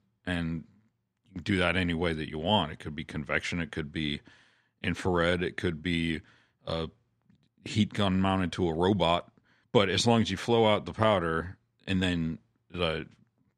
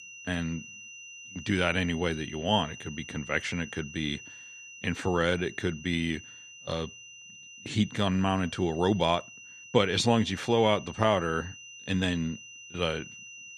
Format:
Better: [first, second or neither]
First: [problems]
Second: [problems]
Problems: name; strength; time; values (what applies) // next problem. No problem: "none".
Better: first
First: none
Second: high-pitched whine; noticeable; throughout; 3 kHz, 15 dB below the speech